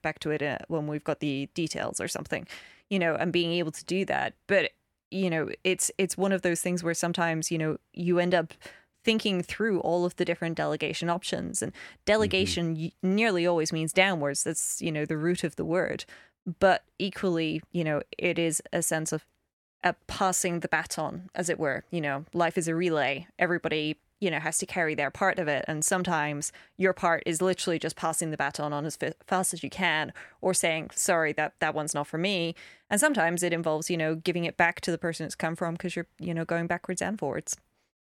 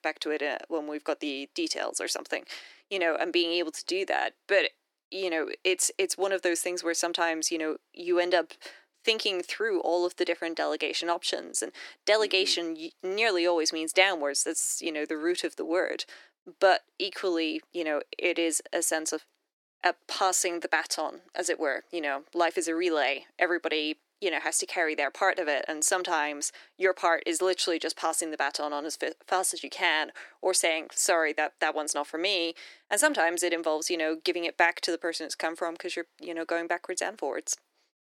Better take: first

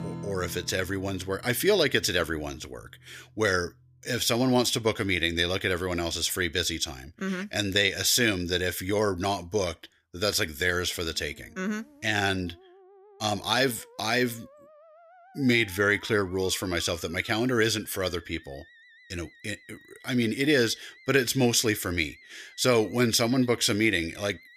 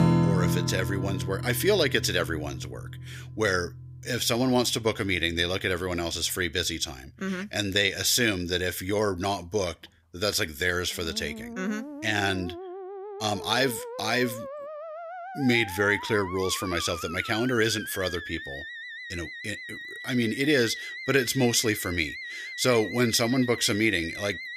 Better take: first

